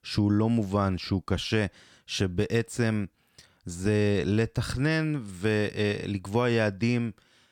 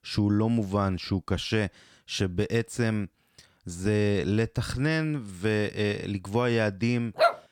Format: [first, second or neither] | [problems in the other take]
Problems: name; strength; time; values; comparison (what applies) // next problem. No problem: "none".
first | dog barking; loud; at 7 s; peak 3 dB above the speech